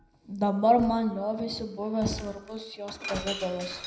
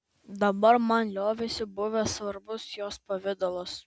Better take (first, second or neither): second